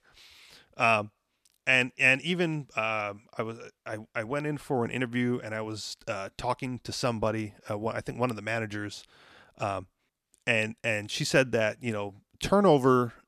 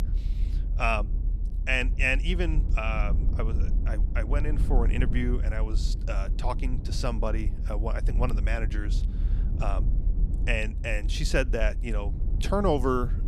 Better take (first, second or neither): first